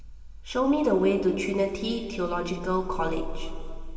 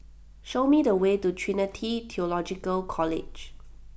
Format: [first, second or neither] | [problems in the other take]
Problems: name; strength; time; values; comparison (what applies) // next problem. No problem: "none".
second | room echo; dies away in 2.7 s